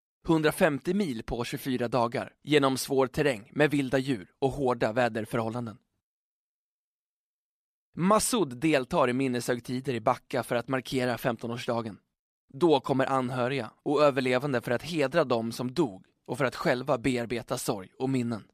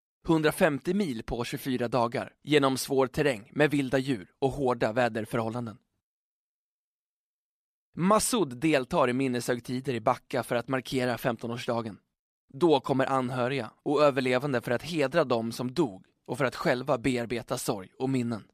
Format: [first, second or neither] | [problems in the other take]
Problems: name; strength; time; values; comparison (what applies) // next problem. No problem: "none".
neither | none